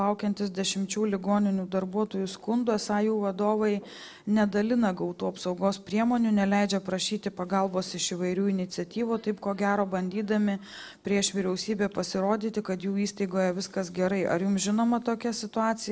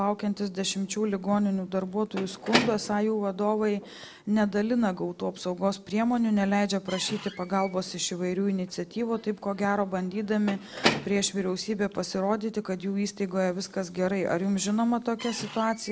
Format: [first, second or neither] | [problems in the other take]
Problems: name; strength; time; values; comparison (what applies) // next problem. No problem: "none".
first | background sound (Squeak / Slam / Wood); 11 dB below the speech